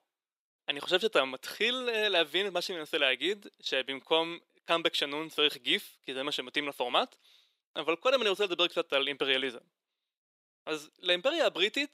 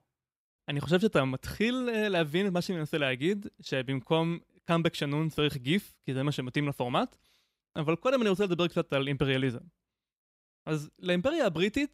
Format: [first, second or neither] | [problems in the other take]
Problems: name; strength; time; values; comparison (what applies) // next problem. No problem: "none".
second | thin; somewhat; fading below 400 Hz